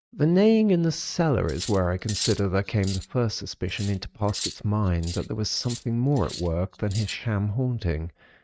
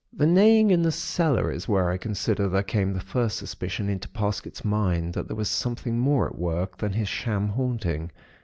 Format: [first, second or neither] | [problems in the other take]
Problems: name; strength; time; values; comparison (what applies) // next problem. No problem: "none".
second | noise reduction (neural mask model RNNoise)